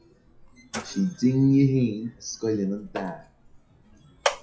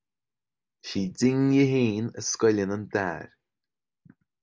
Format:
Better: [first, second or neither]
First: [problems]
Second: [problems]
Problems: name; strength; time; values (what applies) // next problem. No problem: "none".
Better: second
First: noise reduction (classical method WPE with log-MMSE)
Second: none